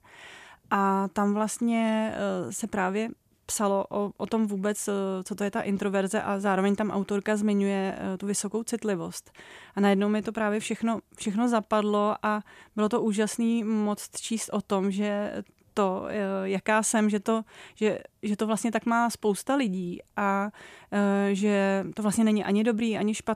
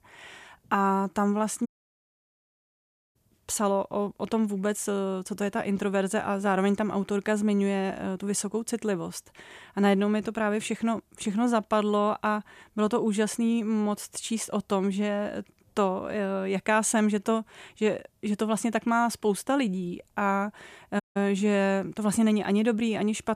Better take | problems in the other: first | audio cutting out; at 1.5 s for 1.5 s and at 21 s

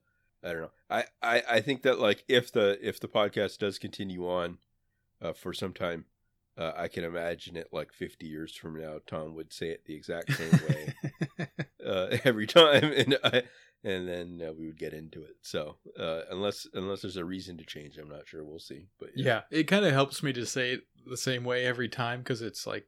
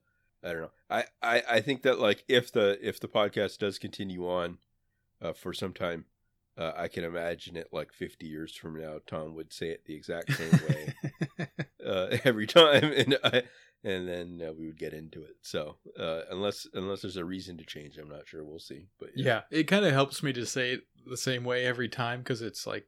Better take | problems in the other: neither | none

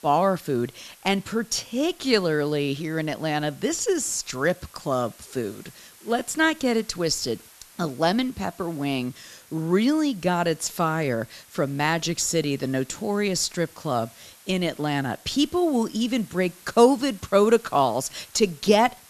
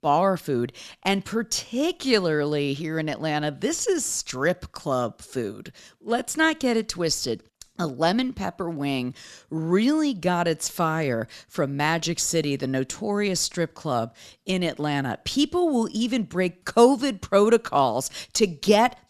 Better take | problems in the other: second | hiss; faint; throughout; 25 dB below the speech

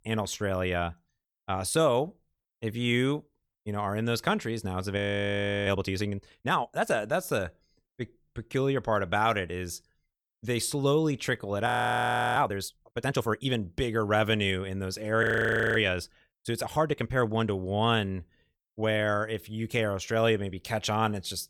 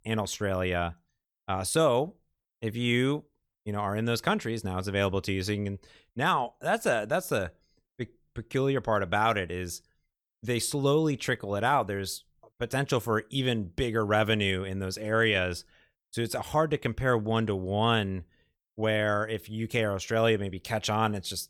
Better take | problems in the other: second | audio freezing; at 5 s for 0.5 s, at 12 s for 0.5 s and at 15 s for 0.5 s

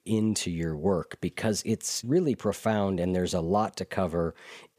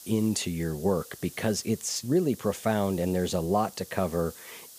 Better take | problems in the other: first | hiss; noticeable; throughout; 15 dB below the speech

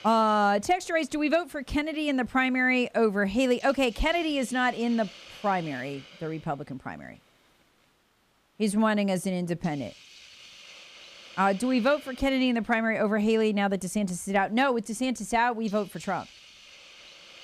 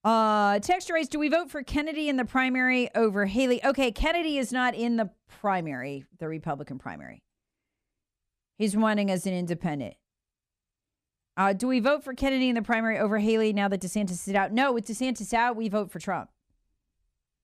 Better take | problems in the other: second | hiss; faint; throughout; 20 dB below the speech

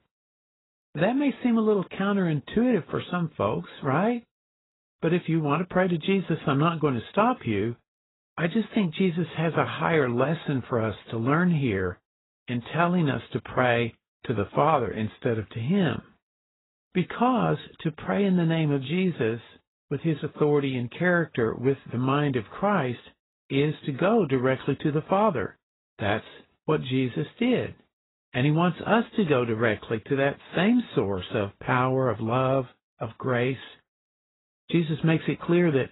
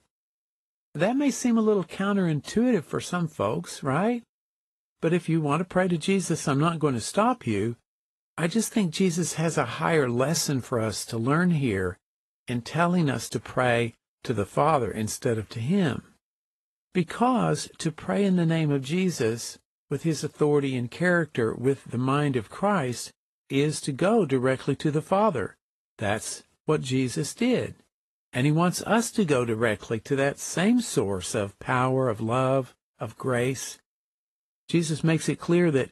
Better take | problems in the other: second | garbled, watery; badly; nothing above 4 kHz; slightly in the second

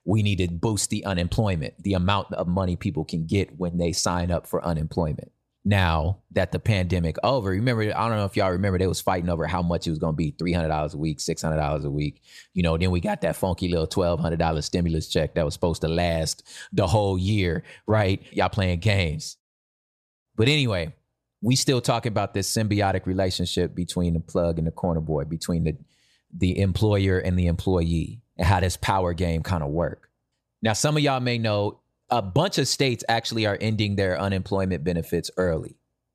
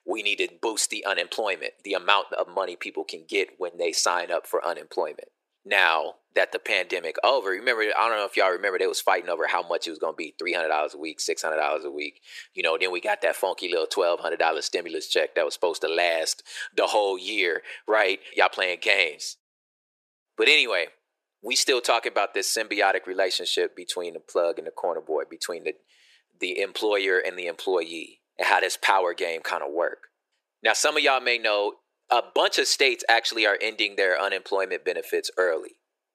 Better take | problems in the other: first | thin; very; fading below 350 Hz

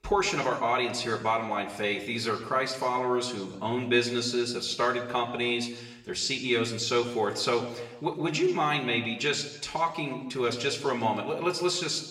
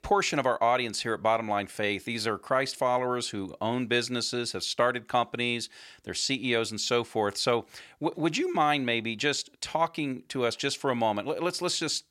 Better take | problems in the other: second | room echo; slight; dies away in 0.9 s // off-mic speech; somewhat distant

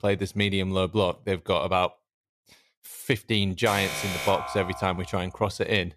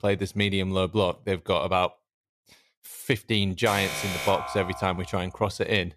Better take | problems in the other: neither | alarm; noticeable; from 3.5 to 5 s; peak 3 dB below the speech; the same in both

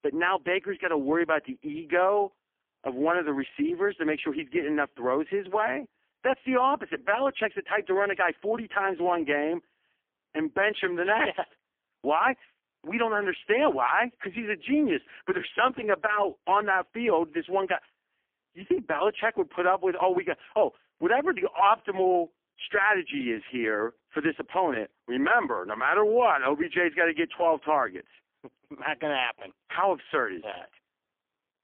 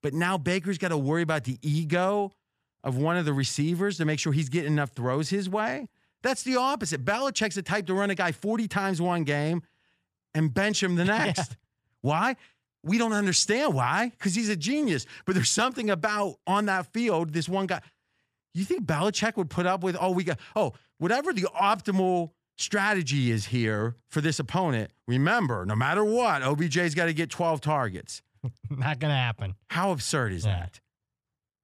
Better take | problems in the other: second | phone-call audio; poor line; nothing above 3 kHz

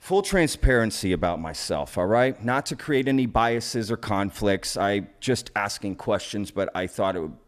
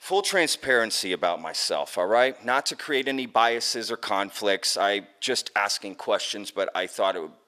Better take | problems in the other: first | thin; somewhat; fading below 500 Hz

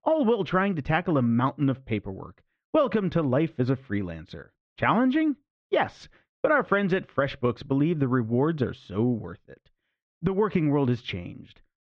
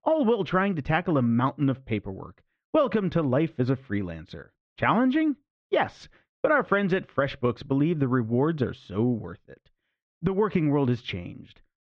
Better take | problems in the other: neither | muffled; very; fading above 3 kHz; the same in both

